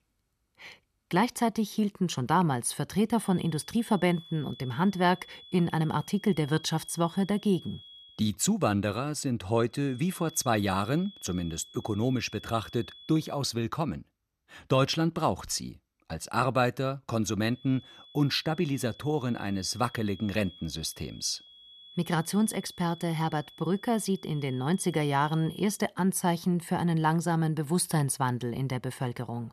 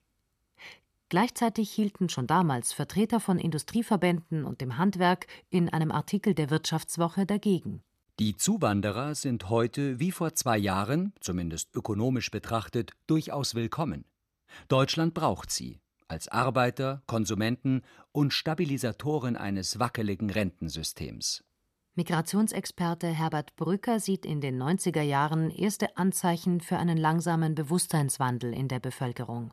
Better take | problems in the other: second | high-pitched whine; noticeable; from 3 to 8 s, from 10 to 13 s and from 18 to 26 s; 3.5 kHz, 20 dB below the speech

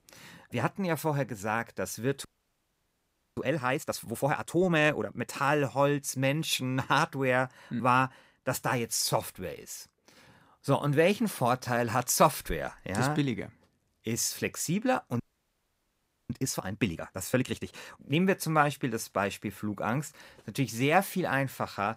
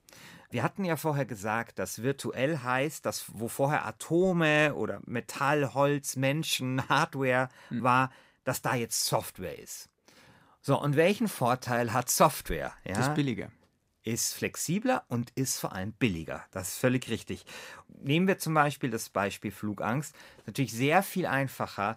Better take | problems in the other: second | audio freezing; at 2.5 s for 1 s and at 15 s for 1 s

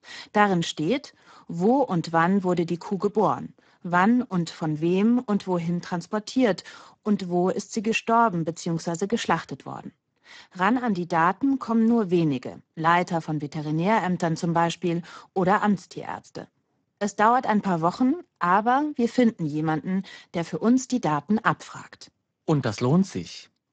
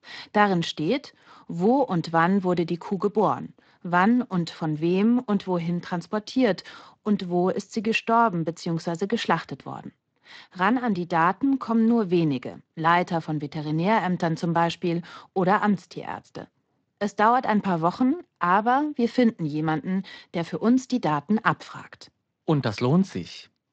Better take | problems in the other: second | garbled, watery; badly; nothing above 7.5 kHz; slightly in the second

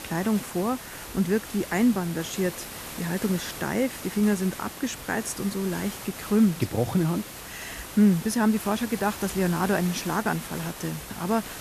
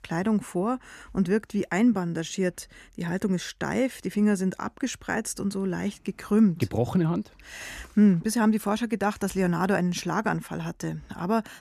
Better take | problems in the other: second | hiss; noticeable; throughout; 10 dB below the speech

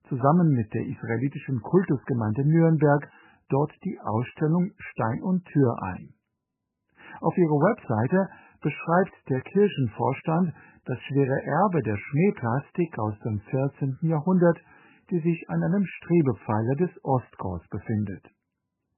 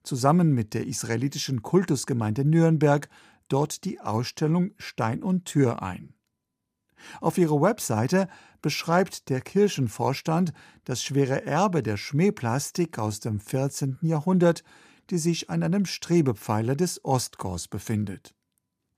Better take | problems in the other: second | garbled, watery; badly; nothing above 3 kHz

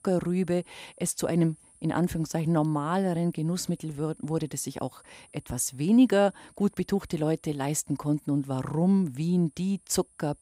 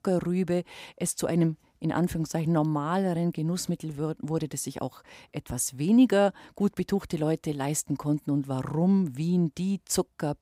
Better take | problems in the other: second | high-pitched whine; faint; throughout; 10 kHz, 30 dB below the speech

